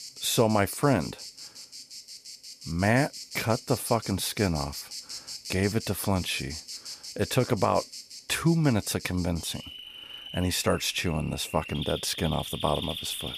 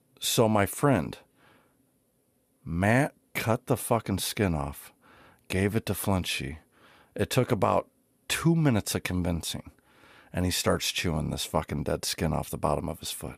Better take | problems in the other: second | animal sounds; noticeable; throughout; 10 dB below the speech

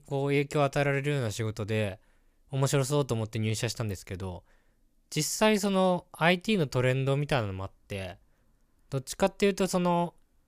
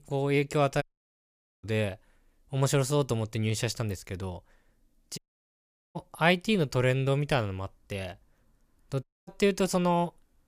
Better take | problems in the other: first | audio cutting out; at 1 s for 1 s, at 5 s for 1 s and at 9 s

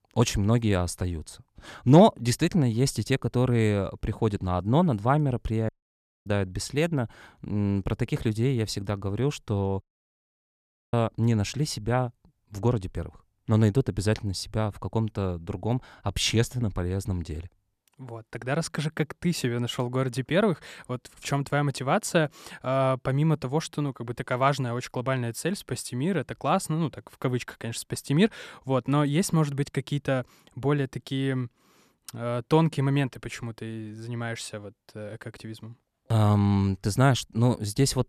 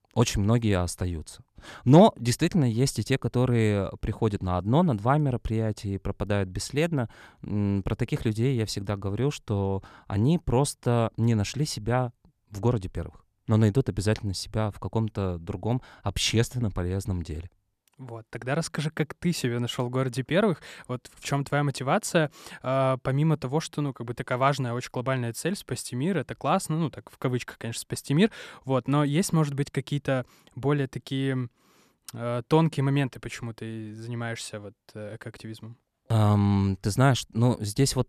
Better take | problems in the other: second | audio cutting out; at 5.5 s for 0.5 s and at 10 s for 1 s

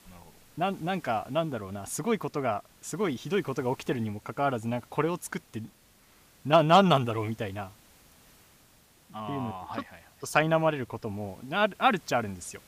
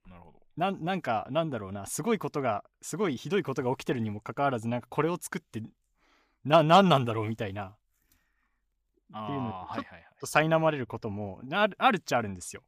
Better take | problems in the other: second | hiss; faint; throughout; 30 dB below the speech

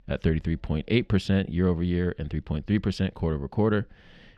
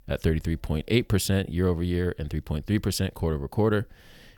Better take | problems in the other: second | muffled; slightly; fading above 3 kHz

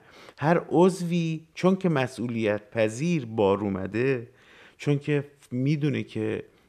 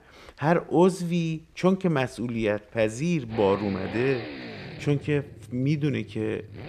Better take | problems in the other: first | traffic noise; noticeable; throughout; 15 dB below the speech

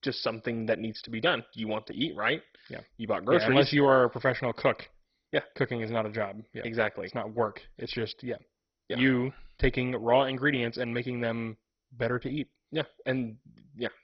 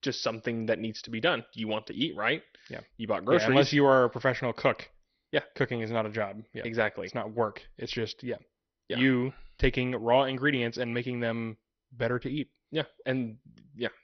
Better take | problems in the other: second | garbled, watery; badly; nothing above 5.5 kHz; slightly in the second

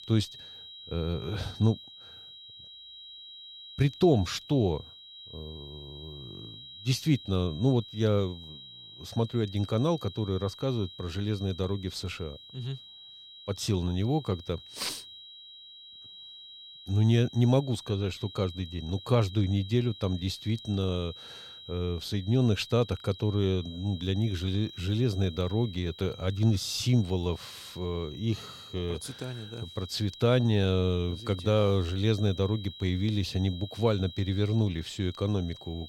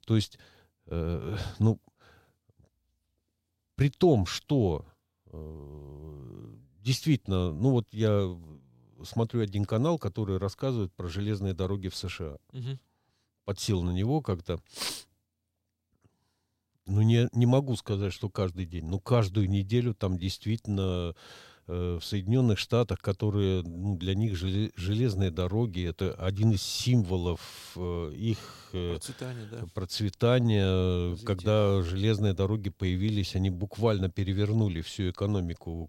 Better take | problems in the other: second | high-pitched whine; noticeable; throughout; 4 kHz, 15 dB below the speech

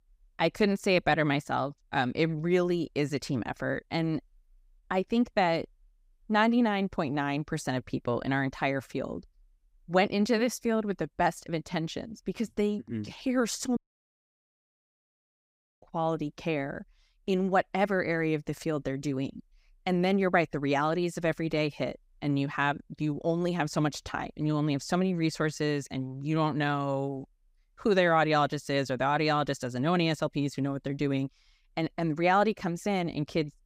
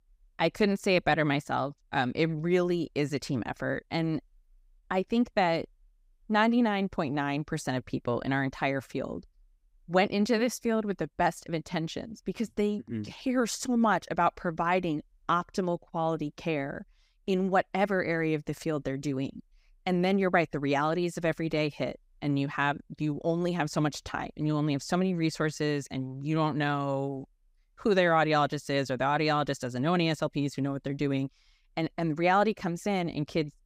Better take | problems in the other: second | audio cutting out; at 14 s for 2 s

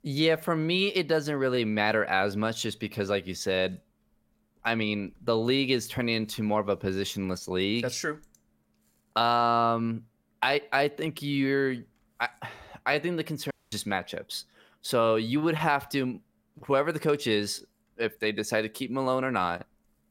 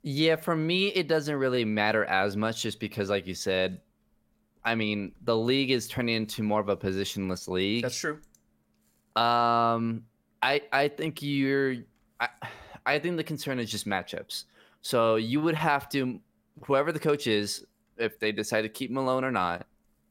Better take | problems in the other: second | audio cutting out; at 14 s

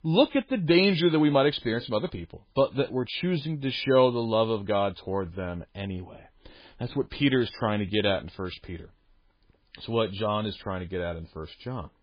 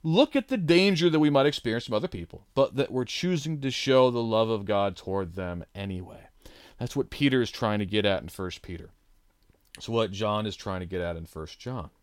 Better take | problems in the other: second | garbled, watery; badly; nothing above 4 kHz

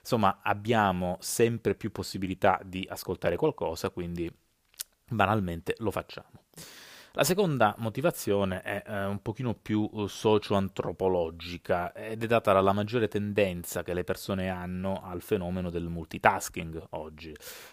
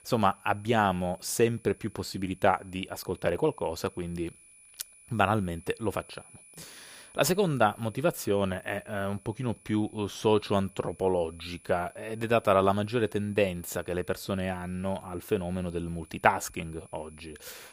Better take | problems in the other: first | high-pitched whine; faint; throughout; 10 kHz, 25 dB below the speech

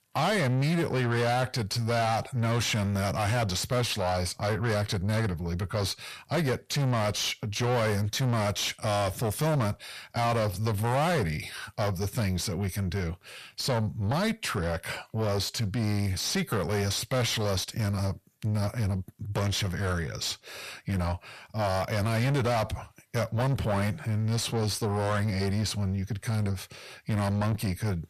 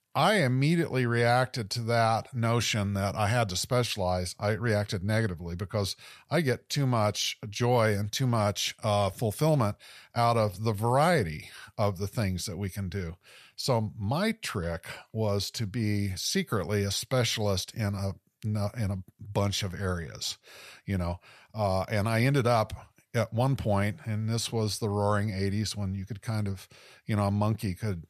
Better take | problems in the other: second | distortion; heavy; 7 dB below the speech

